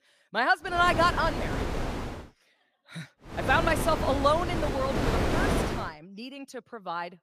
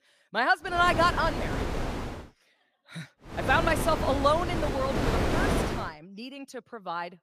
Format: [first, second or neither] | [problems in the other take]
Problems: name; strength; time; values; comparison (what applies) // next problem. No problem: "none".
neither | wind noise on the microphone; heavy; from 1 to 2 s and from 3.5 to 6 s; 7 dB below the speech; the same in both